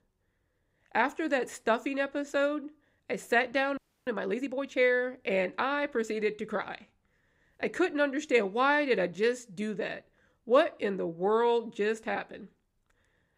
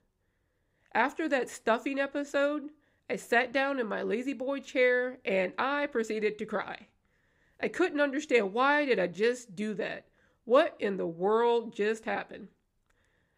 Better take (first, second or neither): second